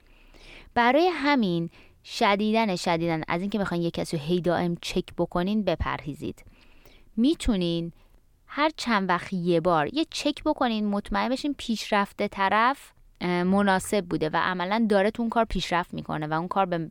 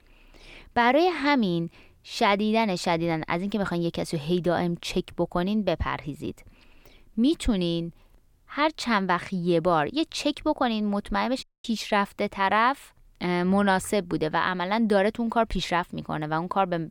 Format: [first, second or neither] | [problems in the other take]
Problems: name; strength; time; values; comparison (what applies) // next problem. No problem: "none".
first | audio cutting out; at 11 s